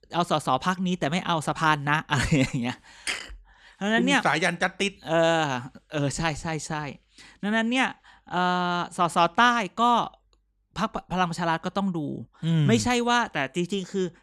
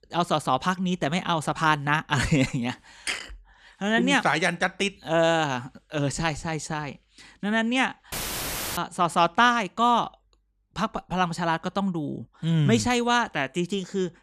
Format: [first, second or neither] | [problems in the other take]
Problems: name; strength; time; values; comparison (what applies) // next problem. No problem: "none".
first | audio cutting out; filled with static; at 8 s for 0.5 s